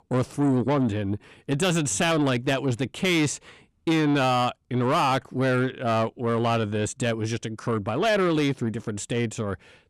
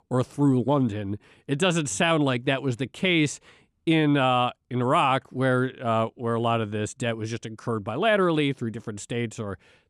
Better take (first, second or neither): second